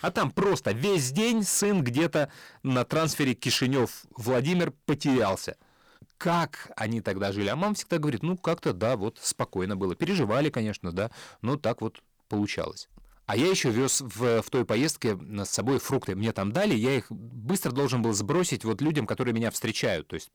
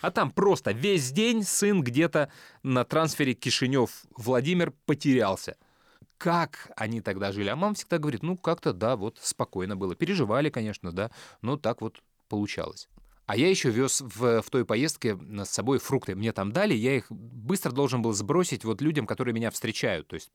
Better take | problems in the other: second | distortion; slight; 10% of the sound clipped

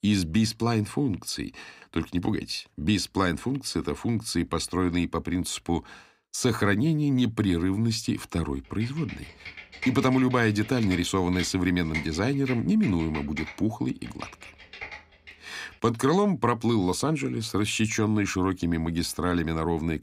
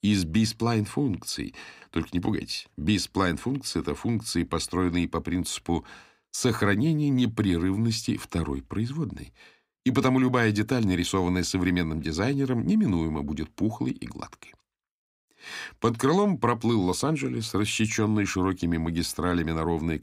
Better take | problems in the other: second | keyboard typing; noticeable; from 9 to 15 s; peak 8 dB below the speech

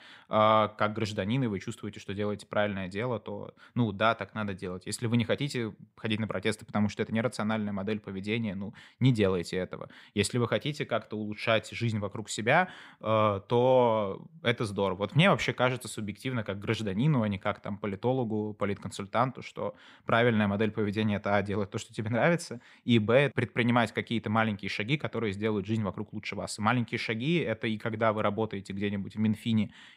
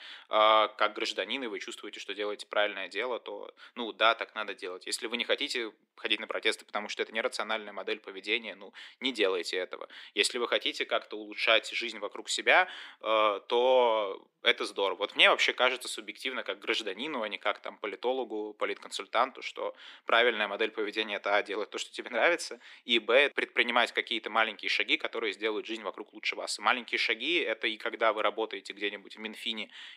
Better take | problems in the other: first | thin; very; fading below 300 Hz

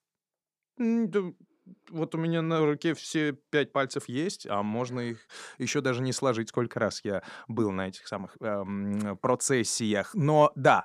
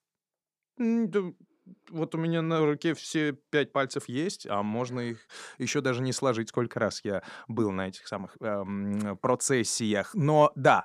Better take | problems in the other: neither | none

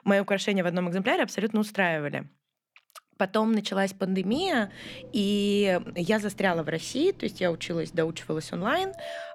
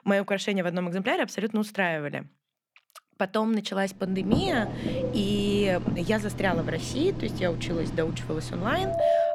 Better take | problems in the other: first | alarms or sirens; loud; from 4.5 s on; 3 dB below the speech; faint in the first

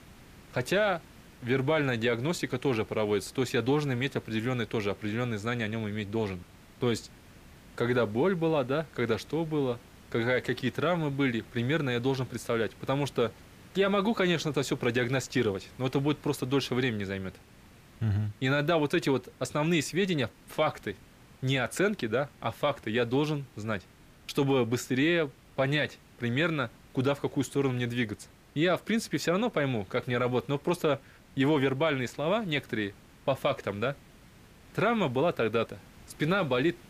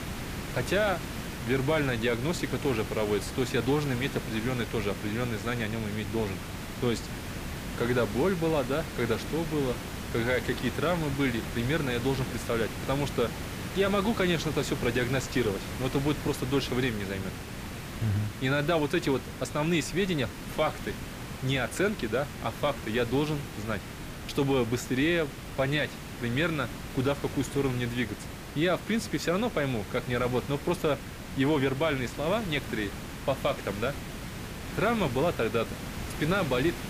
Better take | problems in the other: first | hiss; loud; throughout; 8 dB below the speech; faint in the first

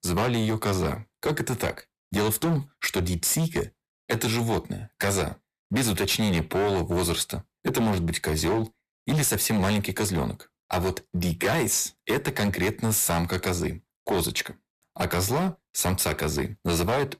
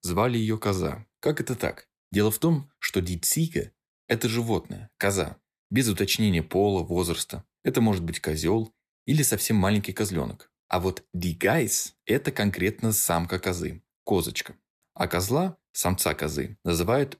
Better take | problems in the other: second | distortion; heavy; 17% of the sound clipped

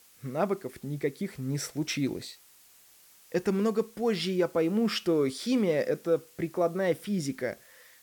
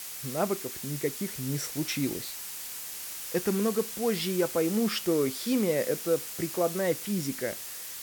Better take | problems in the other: first | hiss; loud; throughout; 6 dB below the speech; faint in the first

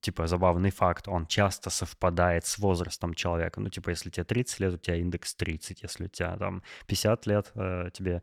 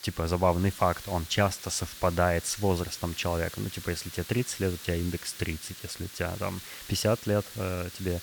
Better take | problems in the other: first | hiss; noticeable; throughout; 10 dB below the speech

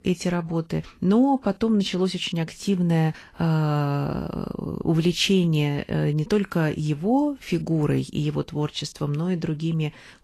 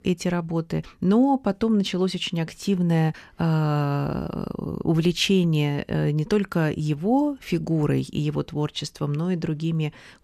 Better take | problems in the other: second | garbled, watery; slightly; nothing above 12.5 kHz

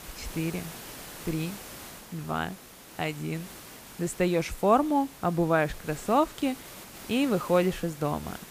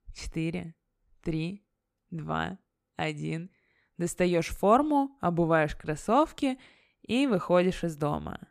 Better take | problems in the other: second | hiss; noticeable; throughout; 15 dB below the speech

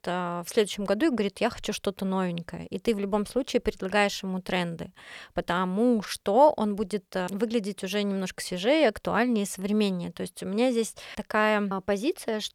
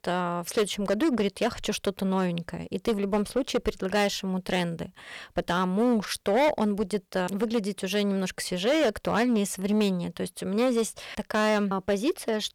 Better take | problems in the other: first | distortion; slight; 7% of the sound clipped

